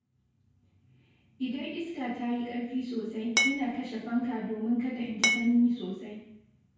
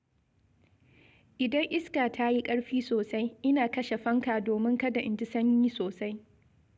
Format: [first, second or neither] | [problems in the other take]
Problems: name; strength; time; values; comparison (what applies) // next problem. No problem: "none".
second | background sound (Glass); 4 dB above the speech // room echo; dies away in 0.6 s